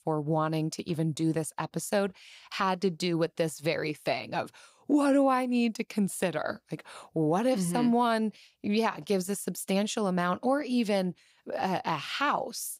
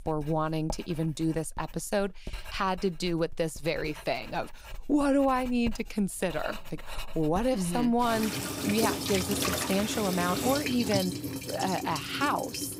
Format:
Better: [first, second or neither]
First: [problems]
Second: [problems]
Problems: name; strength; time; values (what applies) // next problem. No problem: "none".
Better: first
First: none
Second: household noises; loud; throughout; 4 dB below the speech